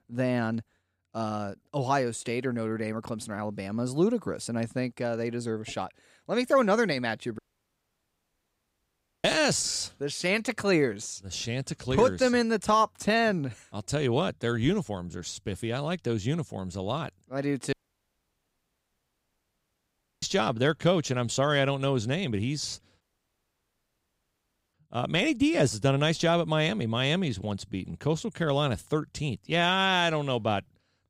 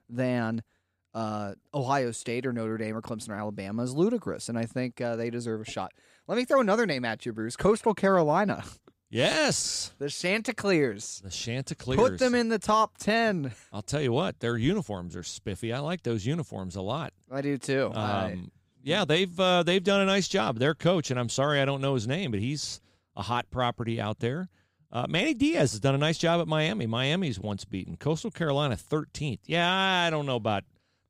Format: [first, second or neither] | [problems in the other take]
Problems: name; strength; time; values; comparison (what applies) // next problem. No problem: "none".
second | audio cutting out; at 7.5 s for 2 s, at 18 s for 2.5 s and at 23 s for 1.5 s